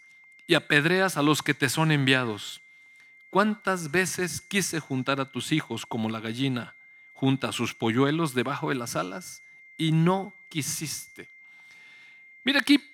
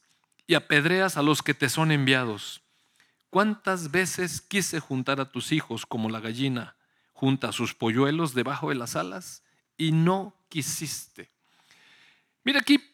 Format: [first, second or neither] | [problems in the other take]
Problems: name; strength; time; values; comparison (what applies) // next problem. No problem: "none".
second | high-pitched whine; faint; throughout; 2 kHz, 25 dB below the speech